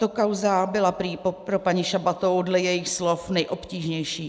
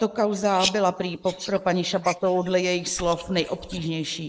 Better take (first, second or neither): first